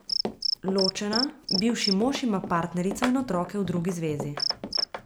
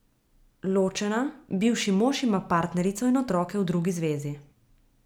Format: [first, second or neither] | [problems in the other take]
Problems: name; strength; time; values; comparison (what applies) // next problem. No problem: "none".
second | background sound (Run + Cricket); 4 dB below the speech